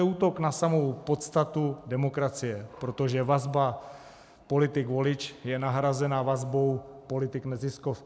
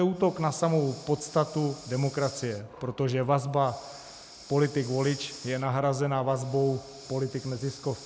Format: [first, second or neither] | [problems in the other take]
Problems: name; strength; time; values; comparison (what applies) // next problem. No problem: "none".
first | background sound (Breathing); 20 dB below the speech